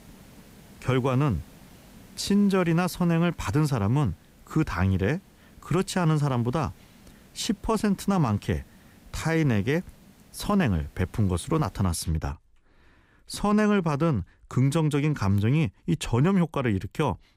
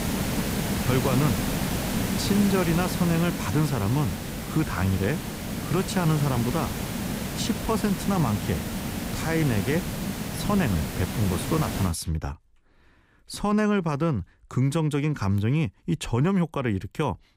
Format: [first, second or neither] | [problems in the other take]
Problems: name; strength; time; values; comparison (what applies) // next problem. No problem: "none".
first | hiss; loud; until 12 s; 3 dB below the speech; faint in the first